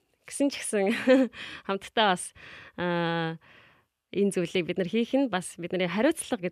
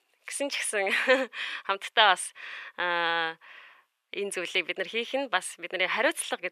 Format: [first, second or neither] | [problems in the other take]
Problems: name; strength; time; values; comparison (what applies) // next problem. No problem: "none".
first | thin; very; fading below 600 Hz